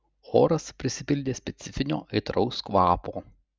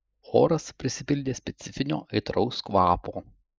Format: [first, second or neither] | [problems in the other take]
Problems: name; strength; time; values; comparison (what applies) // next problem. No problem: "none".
first | noise reduction (neural mask model Resemble Enhance denoiser)